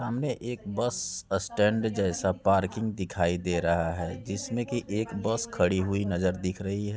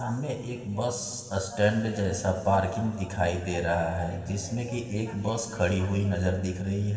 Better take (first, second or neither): first